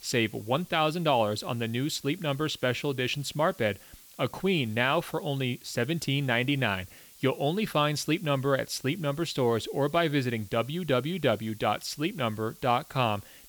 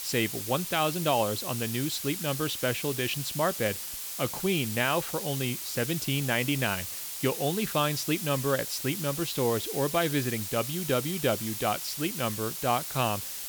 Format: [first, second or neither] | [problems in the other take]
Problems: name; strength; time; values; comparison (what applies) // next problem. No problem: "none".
first | hiss; loud; throughout; 4 dB below the speech; faint in the first